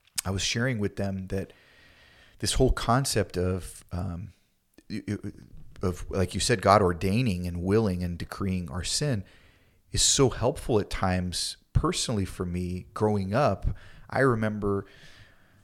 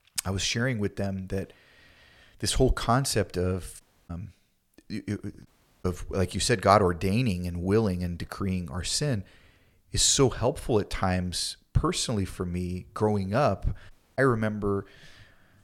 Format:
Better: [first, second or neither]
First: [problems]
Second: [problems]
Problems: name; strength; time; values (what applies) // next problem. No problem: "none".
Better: first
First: none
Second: audio cutting out; at 4 s, at 5.5 s and at 14 s